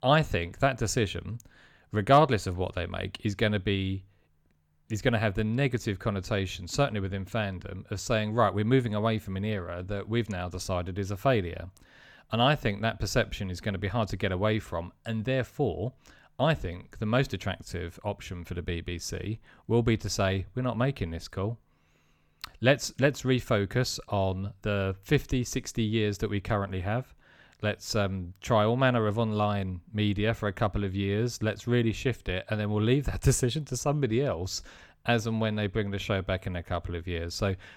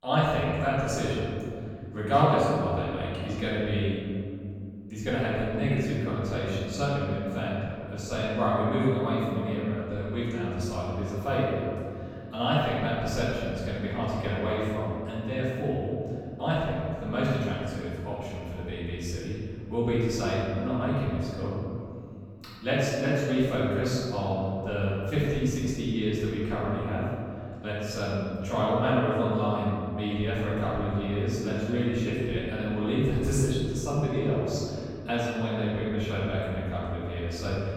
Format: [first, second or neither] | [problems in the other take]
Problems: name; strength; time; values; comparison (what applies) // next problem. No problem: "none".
first | off-mic speech; far // room echo; strong; dies away in 2.5 s